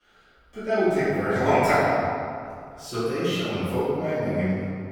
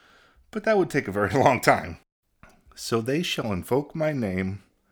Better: second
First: room echo; strong; dies away in 2 s // off-mic speech; far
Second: none

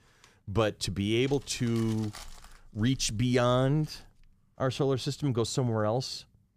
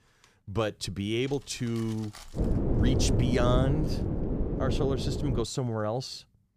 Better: first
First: none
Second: wind noise on the microphone; heavy; from 2.5 to 5.5 s; 3 dB below the speech

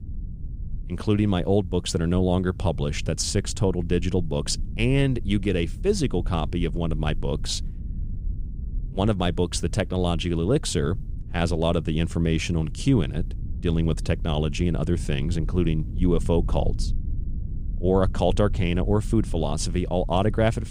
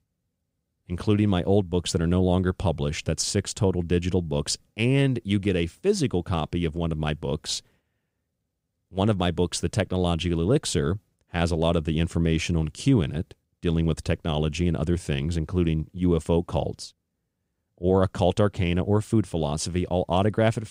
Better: second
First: low rumble; faint; throughout; 20 dB below the speech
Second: none

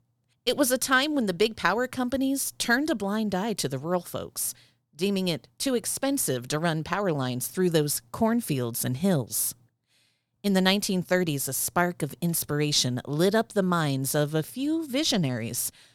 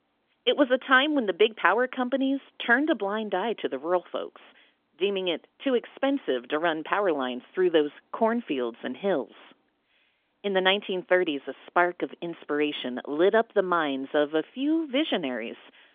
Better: first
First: none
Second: phone-call audio; nothing above 3.5 kHz

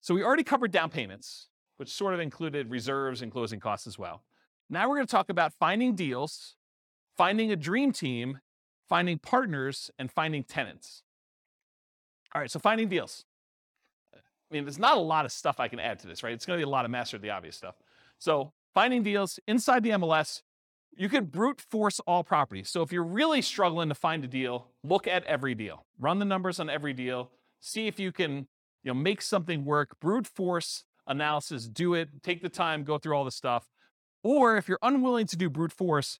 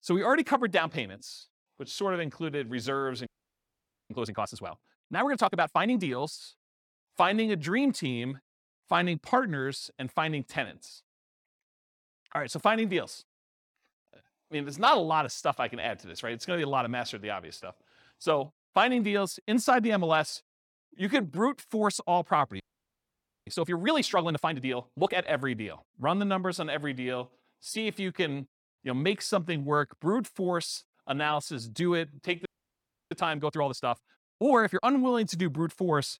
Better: first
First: none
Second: audio freezing; at 3.5 s for 1 s, at 23 s for 1 s and at 32 s for 0.5 s

